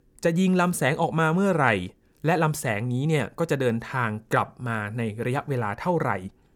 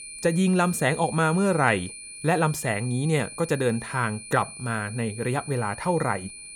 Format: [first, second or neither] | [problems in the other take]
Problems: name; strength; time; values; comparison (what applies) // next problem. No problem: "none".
first | high-pitched whine; noticeable; throughout; 9.5 kHz, 10 dB below the speech